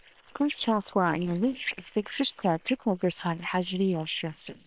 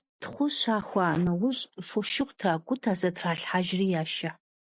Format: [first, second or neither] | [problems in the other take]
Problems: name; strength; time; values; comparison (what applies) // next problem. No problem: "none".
second | noise reduction (neural separator model SepFormer WHAM!)